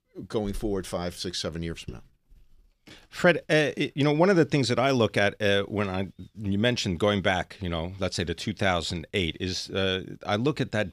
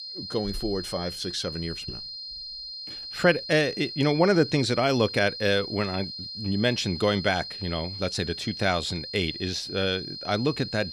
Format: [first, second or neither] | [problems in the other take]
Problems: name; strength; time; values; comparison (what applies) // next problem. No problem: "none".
first | high-pitched whine; loud; throughout; 4 kHz, 8 dB below the speech